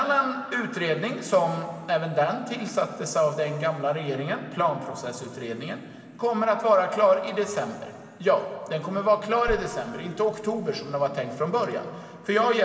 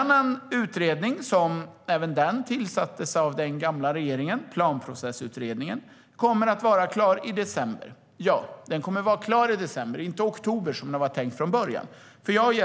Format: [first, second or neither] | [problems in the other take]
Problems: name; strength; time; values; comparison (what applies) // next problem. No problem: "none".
second | background sound (Bass drum); 13 dB below the speech // room echo; dies away in 2.5 s